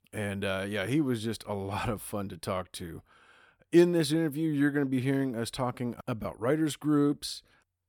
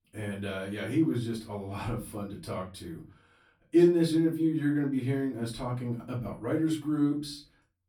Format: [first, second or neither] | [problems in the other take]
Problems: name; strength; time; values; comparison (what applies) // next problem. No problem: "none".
first | off-mic speech; far // room echo; slight; dies away in 0.3 s